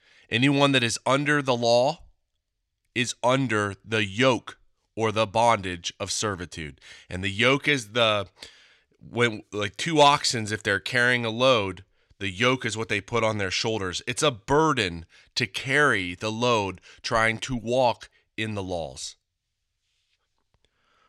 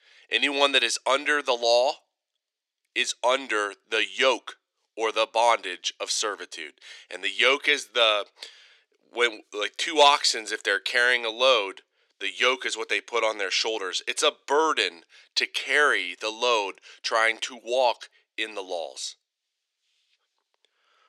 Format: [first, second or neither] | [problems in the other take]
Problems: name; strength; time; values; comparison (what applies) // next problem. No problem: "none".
first | thin; very; fading below 350 Hz